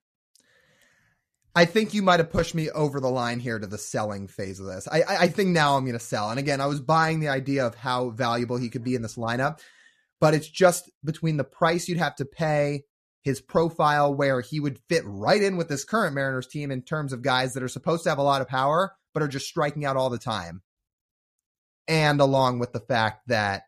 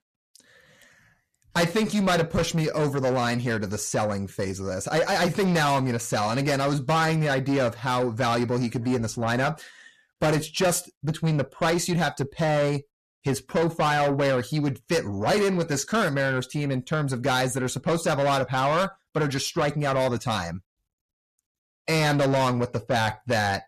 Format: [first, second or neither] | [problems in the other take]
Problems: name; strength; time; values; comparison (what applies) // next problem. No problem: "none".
first | distortion; heavy; 7 dB below the speech